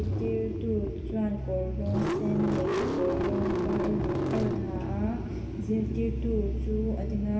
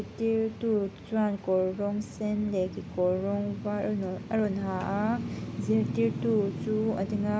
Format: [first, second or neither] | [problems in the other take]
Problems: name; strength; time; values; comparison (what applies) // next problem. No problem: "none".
second | background sound (Engine starting / Car); 1 dB above the speech // room echo; dies away in 2.4 s